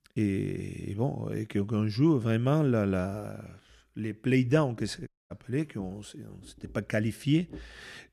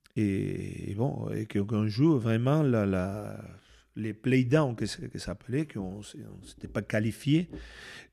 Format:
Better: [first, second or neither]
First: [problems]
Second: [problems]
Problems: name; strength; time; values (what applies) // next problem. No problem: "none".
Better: second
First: audio cutting out; at 5 s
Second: none